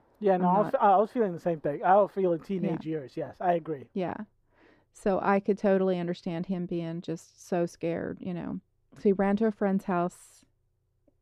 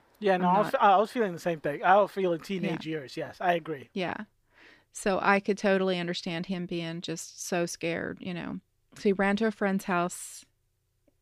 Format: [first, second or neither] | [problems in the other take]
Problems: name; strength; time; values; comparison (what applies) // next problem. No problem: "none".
second | muffled; slightly; fading above 1.5 kHz